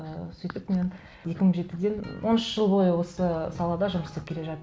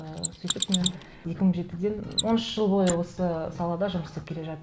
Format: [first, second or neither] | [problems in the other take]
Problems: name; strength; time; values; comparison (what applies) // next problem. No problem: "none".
first | noise reduction (neural mask model Resemble Enhance denoiser)